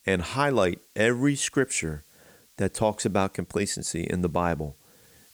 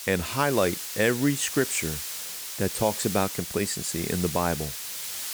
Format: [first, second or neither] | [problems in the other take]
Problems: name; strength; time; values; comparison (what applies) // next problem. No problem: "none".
first | hiss; loud; throughout; 5 dB below the speech; faint in the first